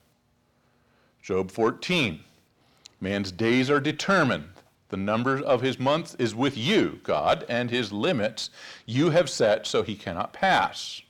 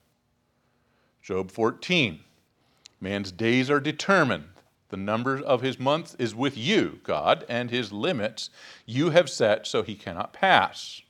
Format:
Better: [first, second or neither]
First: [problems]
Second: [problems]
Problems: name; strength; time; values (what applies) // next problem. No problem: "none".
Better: second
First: distortion; slight; 10 dB below the speech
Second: none